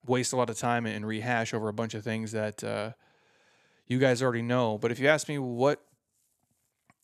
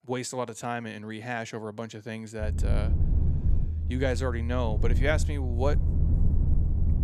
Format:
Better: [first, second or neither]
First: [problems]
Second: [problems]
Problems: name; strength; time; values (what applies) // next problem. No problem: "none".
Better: first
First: none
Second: low rumble; loud; from 2.5 s on; 10 dB below the speech